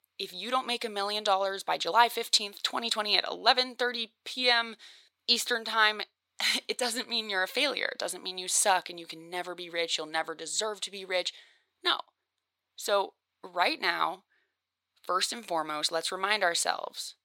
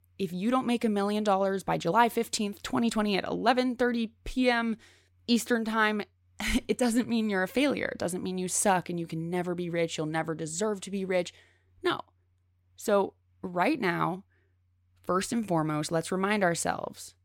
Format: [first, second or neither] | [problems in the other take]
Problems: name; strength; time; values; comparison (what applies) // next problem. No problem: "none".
second | thin; very; fading below 650 Hz